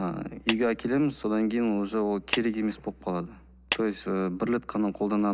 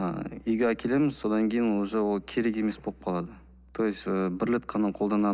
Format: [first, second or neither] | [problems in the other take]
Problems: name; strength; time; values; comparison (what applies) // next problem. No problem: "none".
second | background sound (Clapping); 10 dB below the speech